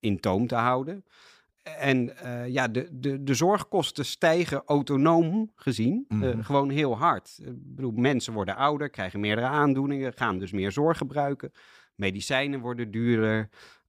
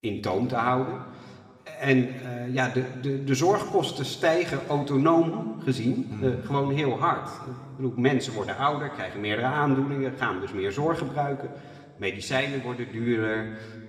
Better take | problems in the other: first | room echo; slight; dies away in 2.1 s // off-mic speech; somewhat distant

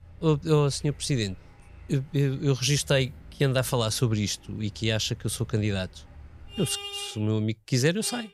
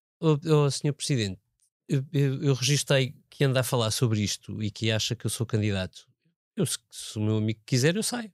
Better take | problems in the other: second | traffic noise; noticeable; throughout; 15 dB below the speech

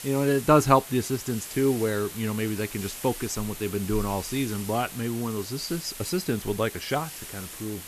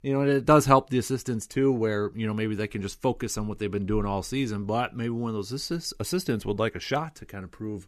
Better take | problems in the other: second | hiss; noticeable; throughout; 10 dB below the speech

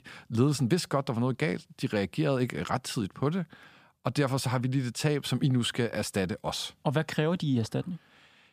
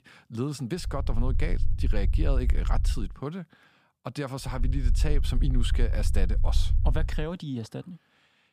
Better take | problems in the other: first | low rumble; noticeable; from 1 to 3 s and from 4.5 to 7 s; 10 dB below the speech

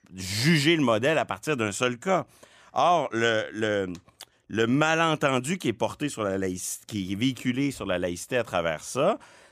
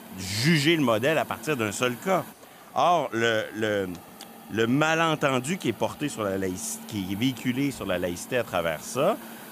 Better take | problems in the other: first | hiss; noticeable; throughout; 15 dB below the speech

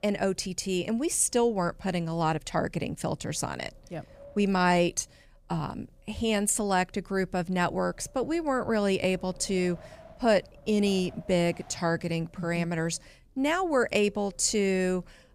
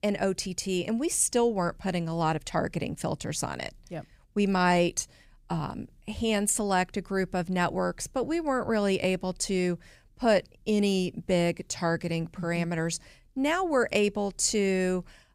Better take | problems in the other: second | wind noise on the microphone; occasional gusts; 25 dB below the speech

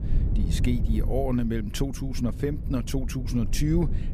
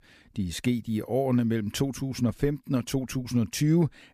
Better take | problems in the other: second | low rumble; noticeable; throughout; 10 dB below the speech

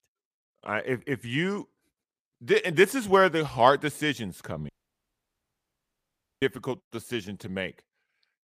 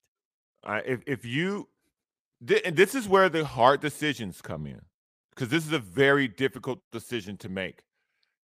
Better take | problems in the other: second | audio cutting out; at 4.5 s for 1.5 s

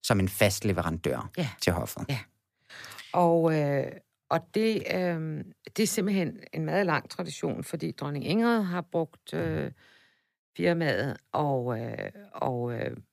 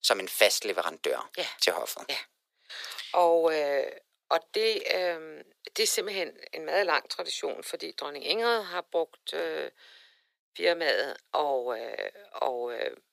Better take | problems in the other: first | thin; very; fading below 450 Hz

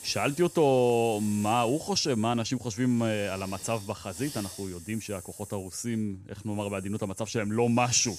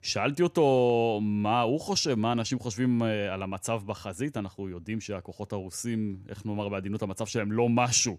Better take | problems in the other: second | hiss; noticeable; throughout; 15 dB below the speech

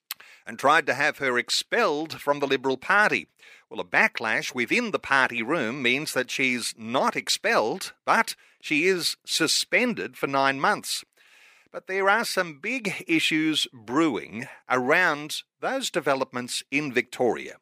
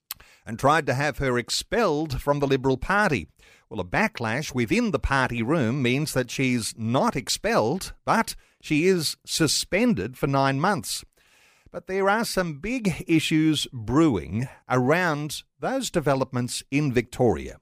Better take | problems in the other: second | thin; somewhat; fading below 300 Hz

